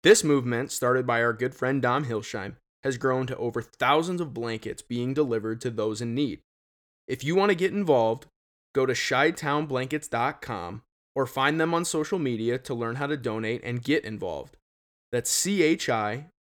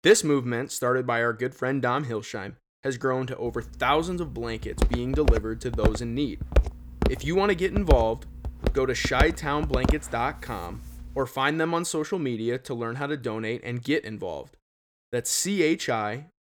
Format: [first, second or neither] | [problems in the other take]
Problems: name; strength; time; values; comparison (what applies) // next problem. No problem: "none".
first | footsteps; loud; from 4.5 to 10 s; peak 1 dB above the speech